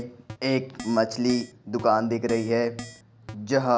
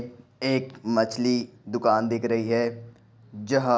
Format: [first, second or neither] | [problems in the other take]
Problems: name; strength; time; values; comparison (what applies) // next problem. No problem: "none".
second | background sound (Keyboard (musical)); 18 dB below the speech